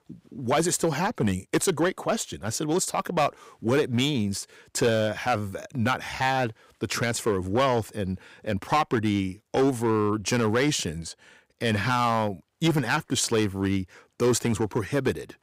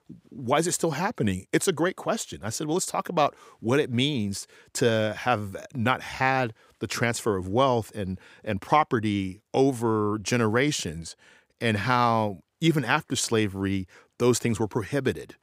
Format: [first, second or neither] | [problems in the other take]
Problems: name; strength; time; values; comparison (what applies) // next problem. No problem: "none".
second | distortion; slight; 4% of the sound clipped